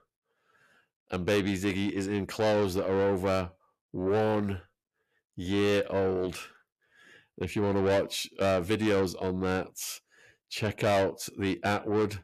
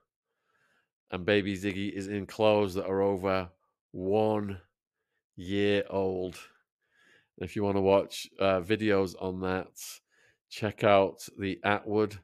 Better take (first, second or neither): second